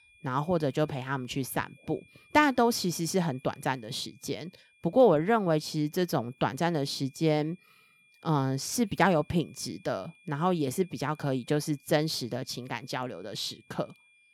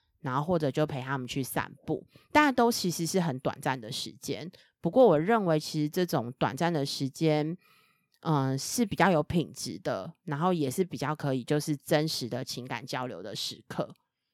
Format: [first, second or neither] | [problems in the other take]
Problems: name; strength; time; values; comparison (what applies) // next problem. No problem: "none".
second | high-pitched whine; faint; throughout; 2.5 kHz, 30 dB below the speech